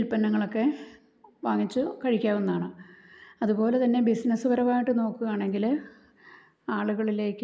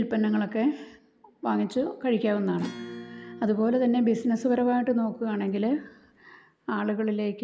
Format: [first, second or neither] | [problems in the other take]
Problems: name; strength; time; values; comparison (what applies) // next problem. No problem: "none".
first | background sound (Acoustic guitar / Strum); 17 dB below the speech